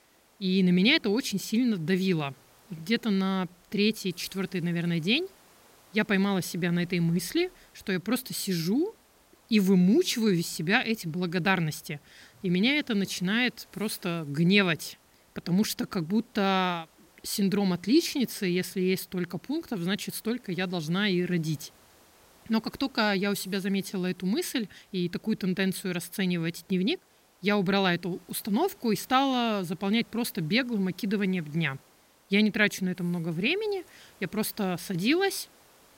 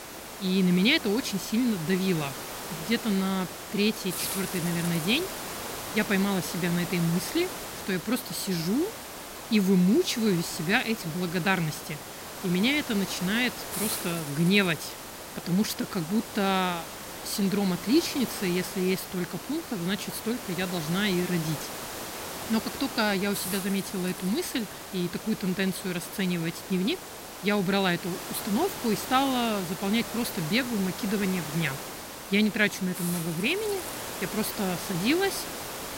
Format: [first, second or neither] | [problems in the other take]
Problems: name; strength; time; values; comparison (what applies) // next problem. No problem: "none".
first | hiss; loud; throughout; 8 dB below the speech; faint in the first